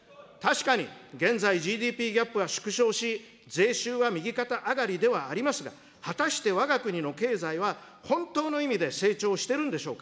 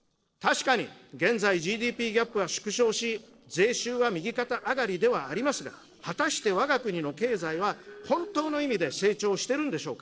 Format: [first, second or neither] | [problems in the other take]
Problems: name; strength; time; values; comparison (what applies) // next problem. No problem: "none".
first | noise reduction (neural separator model SepFormer DNS4)